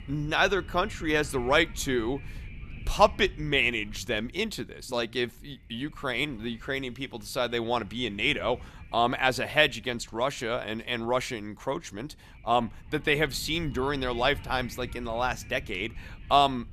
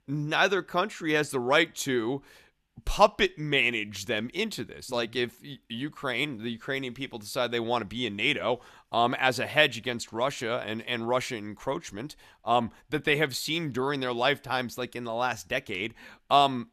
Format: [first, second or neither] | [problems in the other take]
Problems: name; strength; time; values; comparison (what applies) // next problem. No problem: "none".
second | wind noise on the microphone; occasional gusts; 25 dB below the speech